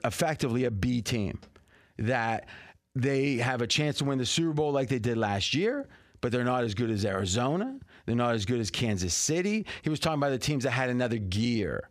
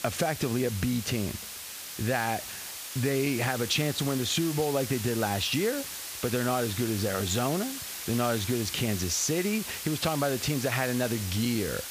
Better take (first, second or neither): first